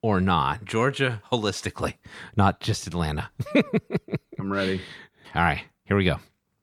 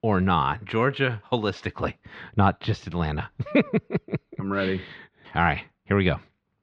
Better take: first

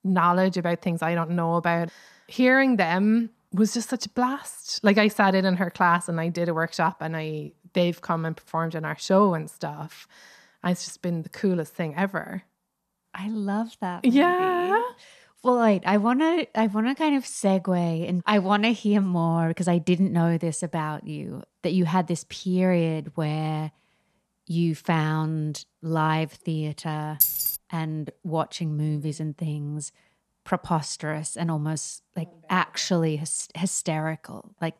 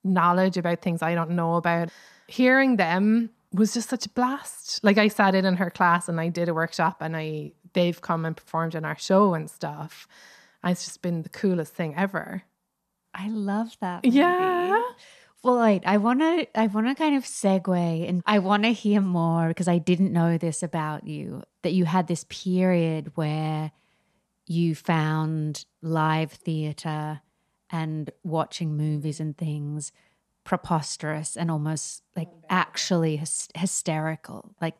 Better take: second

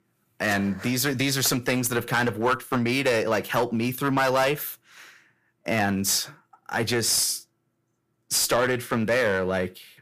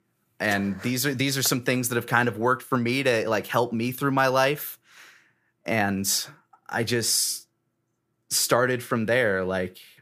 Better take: second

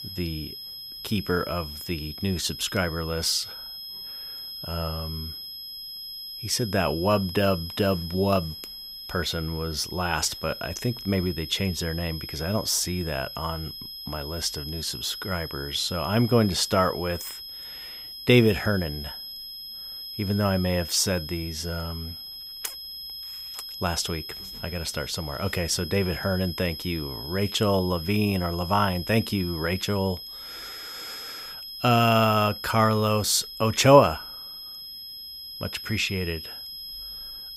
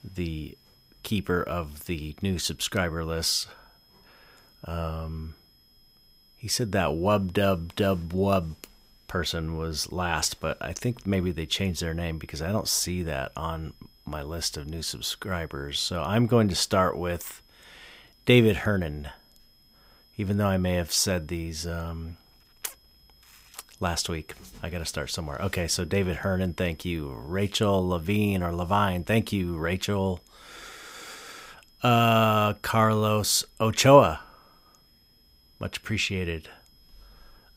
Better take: second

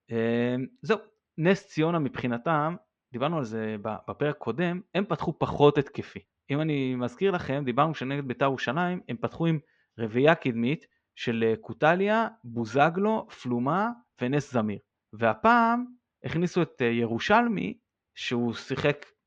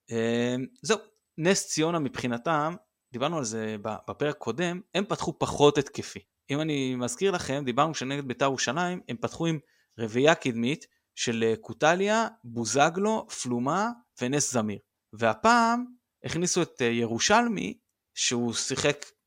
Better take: second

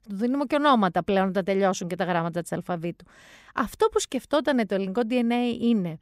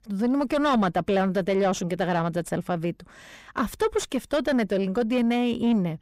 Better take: first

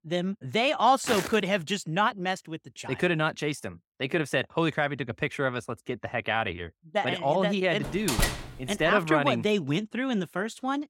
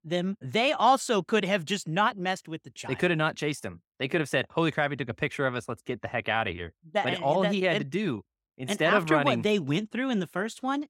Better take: second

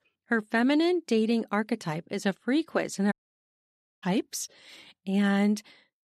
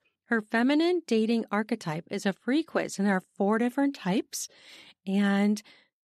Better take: second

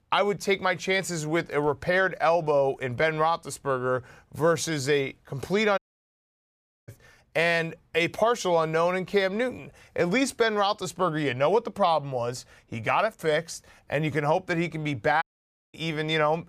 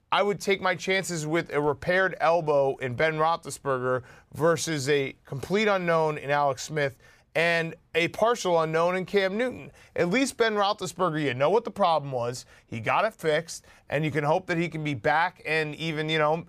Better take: second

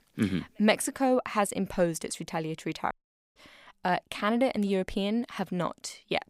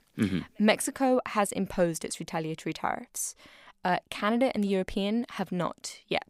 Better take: second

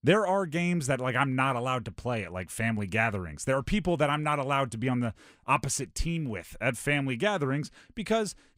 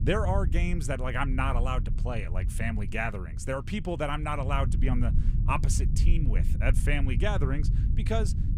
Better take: first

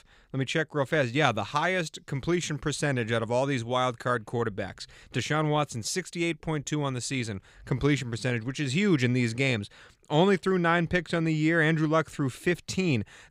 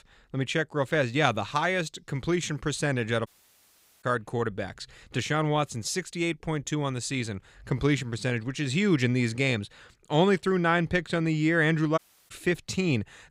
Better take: first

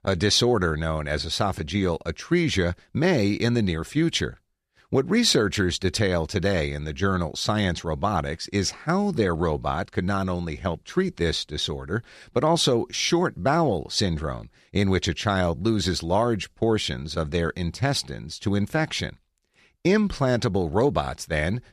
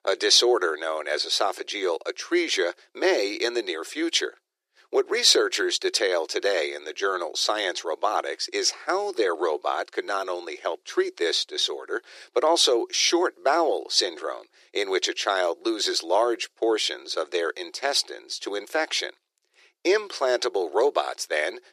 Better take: first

